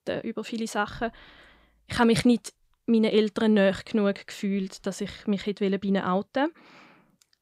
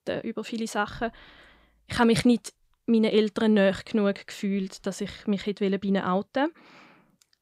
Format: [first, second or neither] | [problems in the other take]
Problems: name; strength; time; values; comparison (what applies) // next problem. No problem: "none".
neither | none